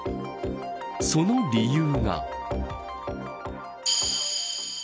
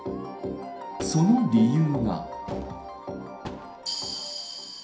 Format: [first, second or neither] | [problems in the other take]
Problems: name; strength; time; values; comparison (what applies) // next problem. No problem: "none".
first | background sound (Crowd / Fireworks); 19 dB below the speech // room echo; dies away in 0.5 s